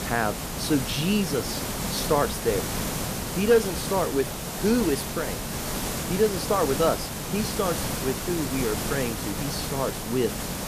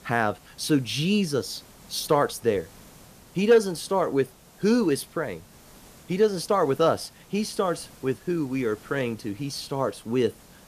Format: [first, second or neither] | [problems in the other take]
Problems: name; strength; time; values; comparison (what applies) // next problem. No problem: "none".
second | hiss; loud; throughout; 3 dB below the speech; faint in the second